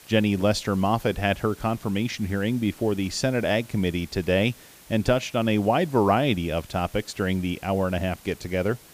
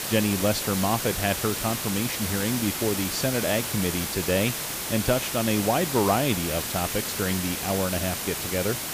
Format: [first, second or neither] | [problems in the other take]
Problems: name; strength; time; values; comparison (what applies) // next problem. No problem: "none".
first | hiss; loud; throughout; 2 dB below the speech; faint in the first